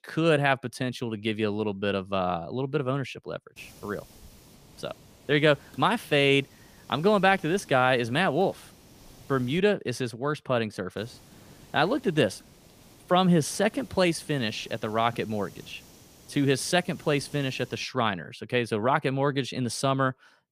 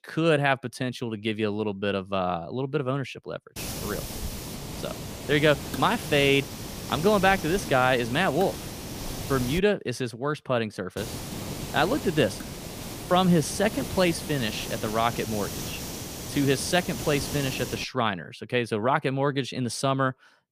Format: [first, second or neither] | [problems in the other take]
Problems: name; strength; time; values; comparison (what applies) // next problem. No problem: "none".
first | hiss; loud; from 3.5 to 9.5 s and from 11 to 18 s; 9 dB below the speech; faint in the first